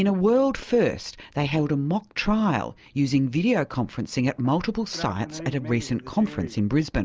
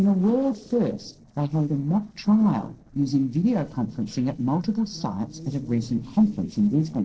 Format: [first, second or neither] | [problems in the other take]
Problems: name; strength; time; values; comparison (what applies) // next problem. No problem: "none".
first | noise reduction (neural separator model SepFormer DNS4)